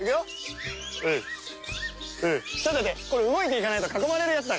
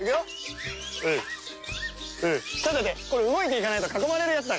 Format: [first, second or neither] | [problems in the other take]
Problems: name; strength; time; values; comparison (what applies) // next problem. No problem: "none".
first | background sound (Snare drum + Rattle / Rattle (instrument)); 18 dB below the speech